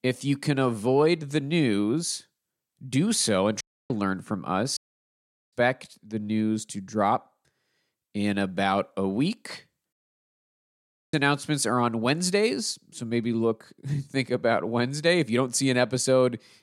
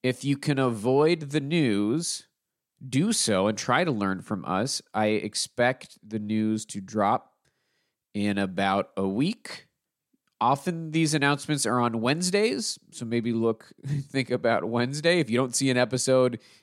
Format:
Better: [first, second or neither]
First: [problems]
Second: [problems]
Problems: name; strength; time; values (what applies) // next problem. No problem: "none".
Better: second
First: audio cutting out; at 3.5 s, at 5 s for 1 s and at 10 s for 1 s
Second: none